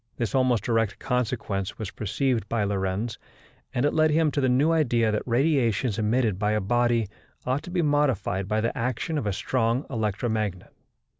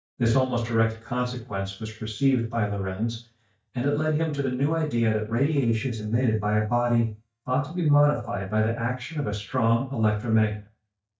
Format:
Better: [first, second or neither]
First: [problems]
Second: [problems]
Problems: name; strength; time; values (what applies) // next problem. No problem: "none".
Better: first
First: none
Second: noise reduction (neural mask model DeepFilterNet 3)